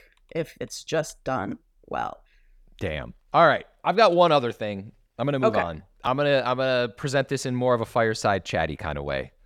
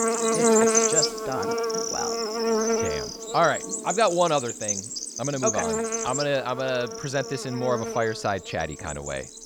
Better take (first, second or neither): first